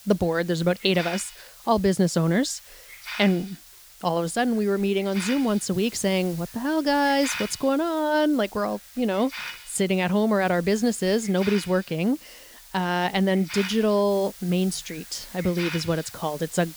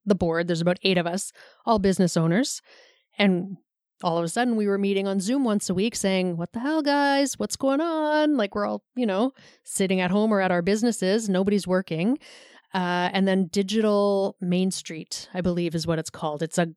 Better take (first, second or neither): second